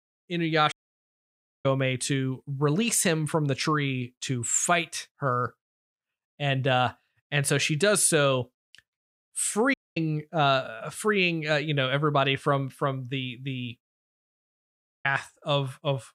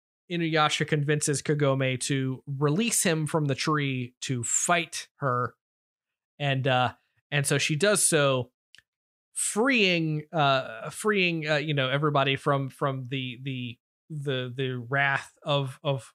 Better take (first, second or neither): second